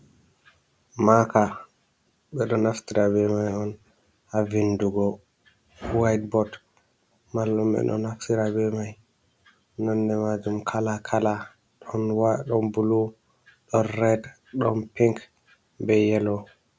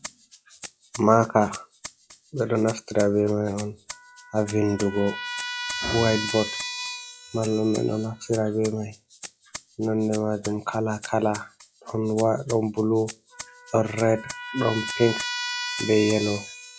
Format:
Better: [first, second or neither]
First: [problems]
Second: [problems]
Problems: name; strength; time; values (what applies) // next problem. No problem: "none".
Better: first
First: none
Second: noise reduction (classical method log-MMSE)